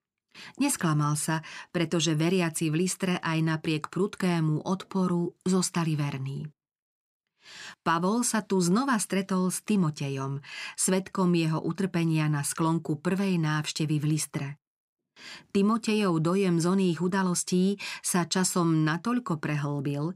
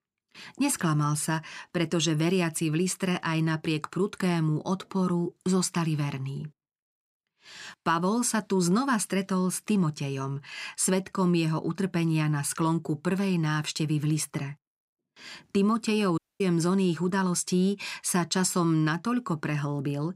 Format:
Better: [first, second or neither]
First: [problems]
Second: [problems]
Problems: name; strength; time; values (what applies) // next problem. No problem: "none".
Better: first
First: none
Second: audio cutting out; at 16 s